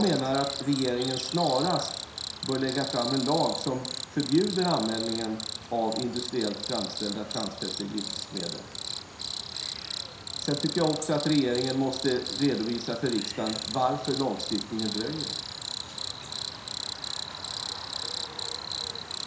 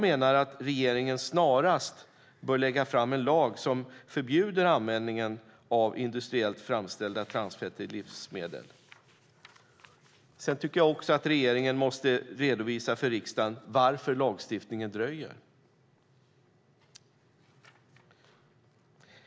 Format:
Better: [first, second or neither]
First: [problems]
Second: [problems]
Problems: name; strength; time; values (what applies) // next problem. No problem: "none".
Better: second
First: background sound (Cricket); 5 dB below the speech // room echo; dies away in 0.7 s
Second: none